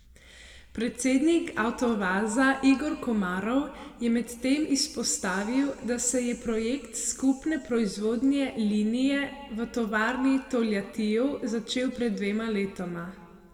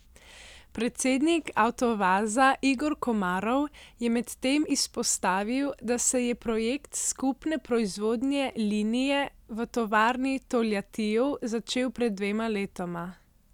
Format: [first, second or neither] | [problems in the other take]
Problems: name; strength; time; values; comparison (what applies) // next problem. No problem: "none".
second | room echo; dies away in 1.5 s